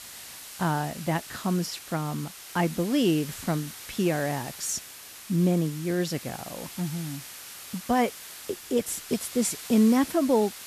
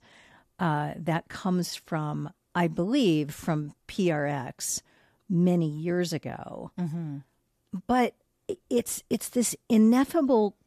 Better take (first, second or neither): second